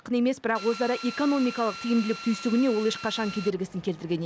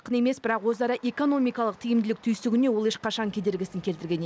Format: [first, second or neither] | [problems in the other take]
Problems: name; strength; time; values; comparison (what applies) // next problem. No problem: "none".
second | background sound (Drill); 13 dB below the speech